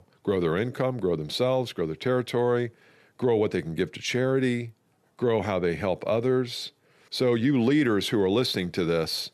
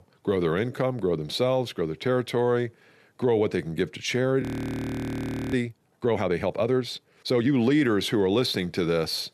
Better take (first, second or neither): first